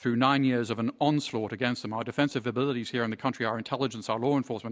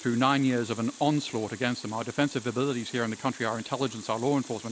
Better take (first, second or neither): first